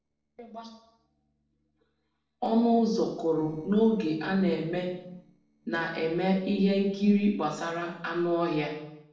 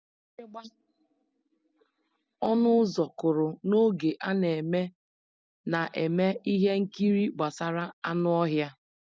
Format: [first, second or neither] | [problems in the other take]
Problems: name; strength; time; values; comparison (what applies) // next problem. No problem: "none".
second | noise reduction (neural separator model SepFormer DNS4)